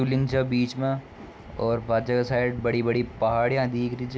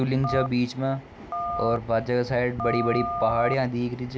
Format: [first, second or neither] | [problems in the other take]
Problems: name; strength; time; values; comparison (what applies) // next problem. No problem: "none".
first | background sound (Telephone); 6 dB below the speech